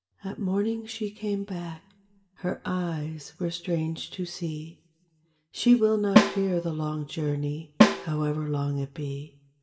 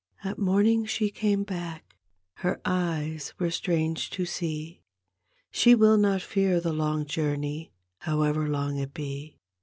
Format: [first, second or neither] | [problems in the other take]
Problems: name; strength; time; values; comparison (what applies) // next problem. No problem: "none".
second | background sound (Snare drum); 2 dB above the speech // room echo; dies away in 0.7 s